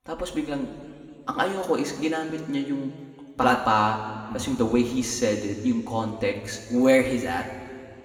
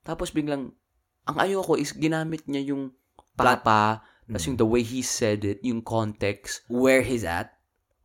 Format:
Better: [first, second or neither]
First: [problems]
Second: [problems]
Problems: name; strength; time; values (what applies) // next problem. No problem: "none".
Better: second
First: room echo; slight; dies away in 2 s // off-mic speech; somewhat distant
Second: none